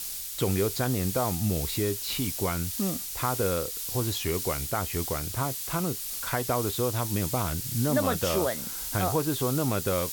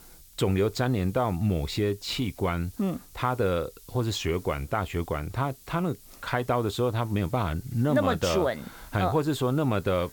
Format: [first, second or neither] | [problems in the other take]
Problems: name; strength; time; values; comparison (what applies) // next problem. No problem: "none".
second | hiss; loud; throughout; 2 dB below the speech; faint in the second